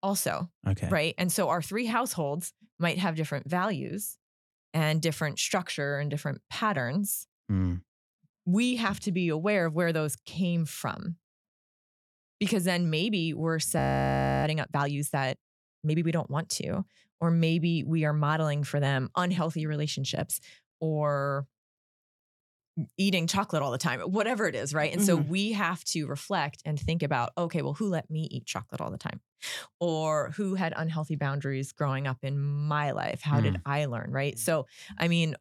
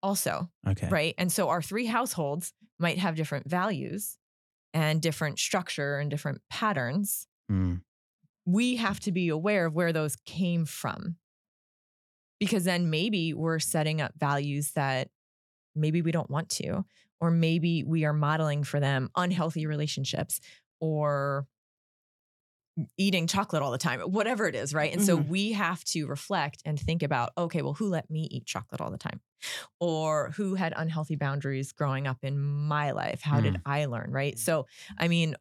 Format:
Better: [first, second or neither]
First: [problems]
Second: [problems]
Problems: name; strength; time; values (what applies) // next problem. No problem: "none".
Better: second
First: audio freezing; at 14 s for 0.5 s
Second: none